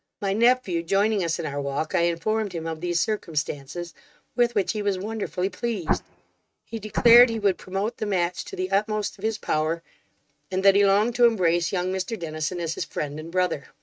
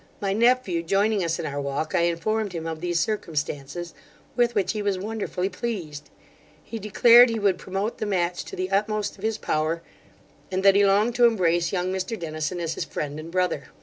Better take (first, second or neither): second